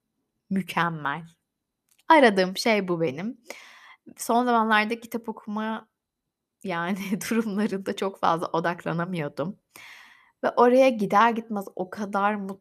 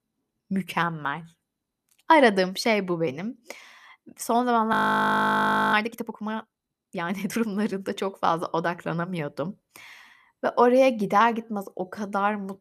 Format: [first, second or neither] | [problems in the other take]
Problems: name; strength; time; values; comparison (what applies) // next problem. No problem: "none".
first | audio freezing; at 4.5 s for 1 s